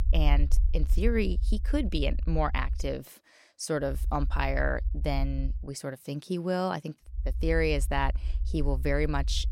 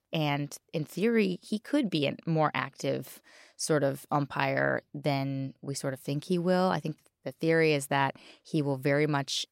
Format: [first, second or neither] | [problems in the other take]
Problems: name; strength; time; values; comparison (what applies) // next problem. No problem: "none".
second | low rumble; faint; until 3 s, from 4 to 5.5 s and from 7 s on; 20 dB below the speech